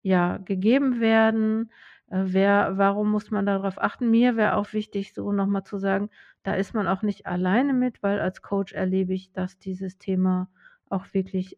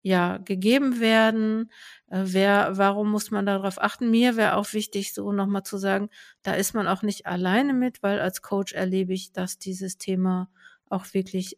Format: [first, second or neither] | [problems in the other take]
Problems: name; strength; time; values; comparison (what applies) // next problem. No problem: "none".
second | muffled; very; fading above 2 kHz